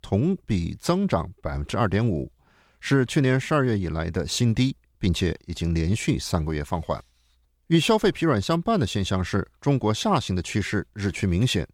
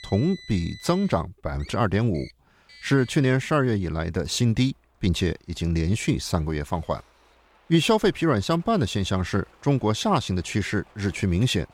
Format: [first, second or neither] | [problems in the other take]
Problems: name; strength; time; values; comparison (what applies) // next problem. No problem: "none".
first | traffic noise; faint; throughout; 25 dB below the speech